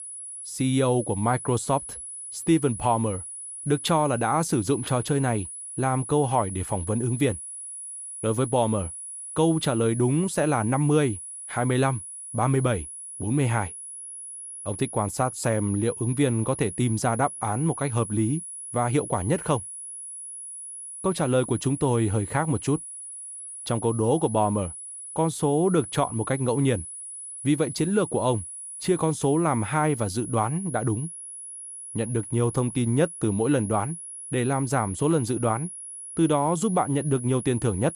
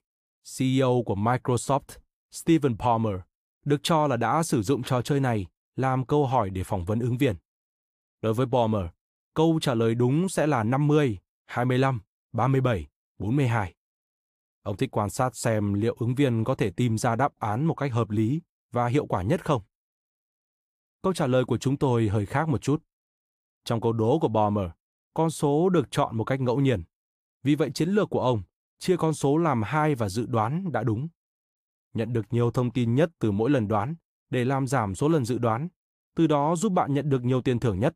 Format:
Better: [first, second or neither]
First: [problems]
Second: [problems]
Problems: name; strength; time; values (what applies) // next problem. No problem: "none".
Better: second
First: high-pitched whine; loud; throughout; 10.5 kHz, 10 dB below the speech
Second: none